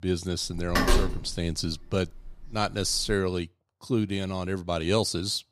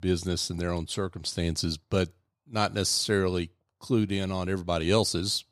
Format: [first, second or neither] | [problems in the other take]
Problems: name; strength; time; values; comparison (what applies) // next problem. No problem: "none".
second | door banging; loud; from 0.5 to 3 s; peak 4 dB above the speech